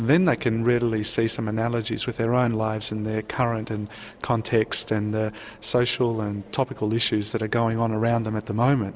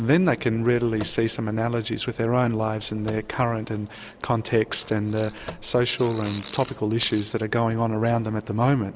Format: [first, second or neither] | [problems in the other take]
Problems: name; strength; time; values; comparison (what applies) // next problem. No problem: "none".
first | background sound (Fart + Car); 18 dB below the speech